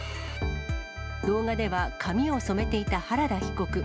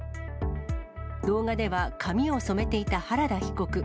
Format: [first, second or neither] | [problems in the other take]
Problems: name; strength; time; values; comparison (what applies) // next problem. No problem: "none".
second | background sound (Bowed string instrument); 16 dB below the speech